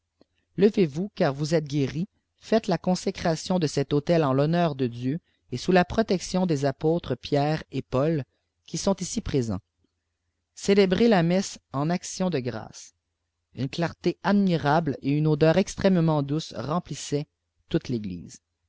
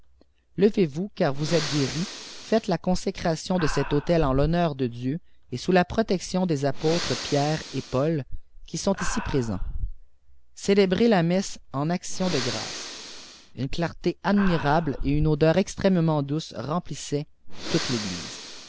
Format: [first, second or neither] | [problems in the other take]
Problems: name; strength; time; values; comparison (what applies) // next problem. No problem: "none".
first | background sound (Breathing); 8 dB below the speech